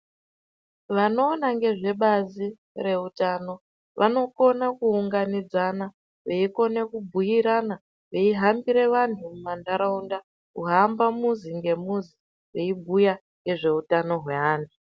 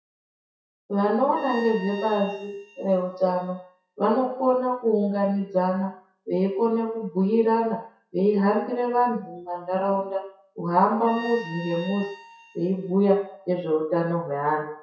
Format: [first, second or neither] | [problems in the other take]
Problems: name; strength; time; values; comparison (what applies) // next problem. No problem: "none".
first | noise reduction (classical method WPE with log-MMSE)